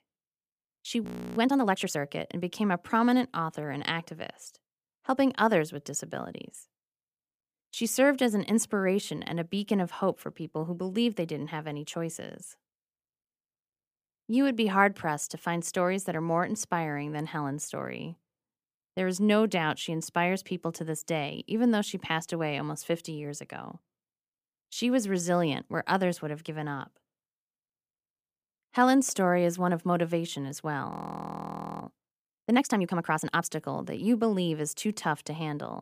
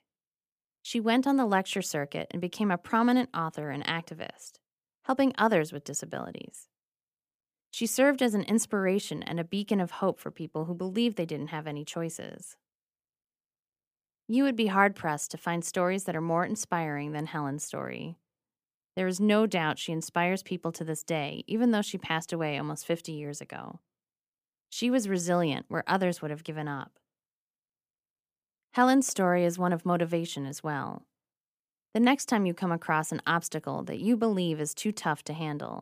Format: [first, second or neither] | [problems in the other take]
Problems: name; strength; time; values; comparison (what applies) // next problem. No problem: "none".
second | audio freezing; at 1 s and at 31 s for 1 s